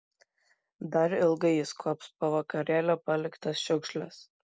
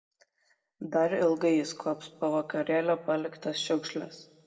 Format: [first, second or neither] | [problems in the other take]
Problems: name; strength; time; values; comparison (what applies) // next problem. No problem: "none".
first | room echo; dies away in 1.3 s